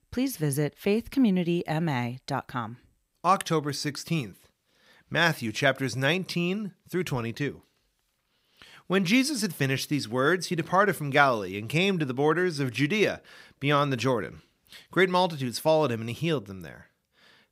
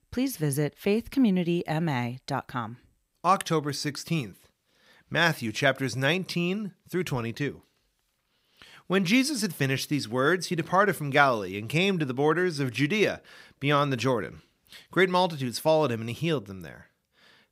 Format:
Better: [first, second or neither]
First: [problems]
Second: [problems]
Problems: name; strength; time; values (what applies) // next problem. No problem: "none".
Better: neither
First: none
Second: none